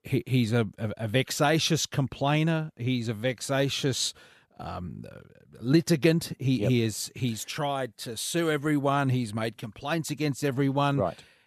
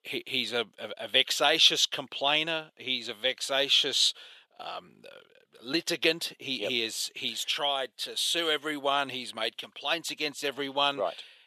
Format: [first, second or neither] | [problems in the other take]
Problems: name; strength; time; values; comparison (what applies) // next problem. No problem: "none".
first | thin; very; fading below 550 Hz